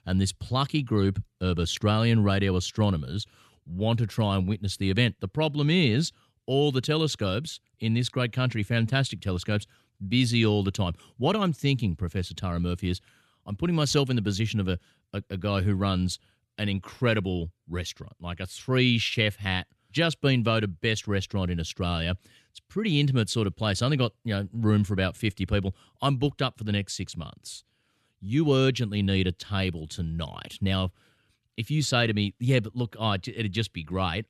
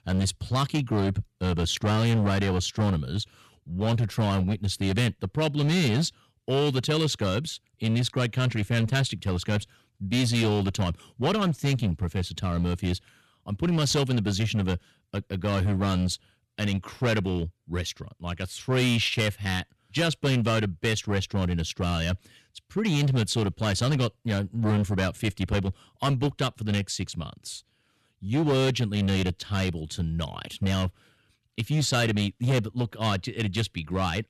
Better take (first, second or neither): first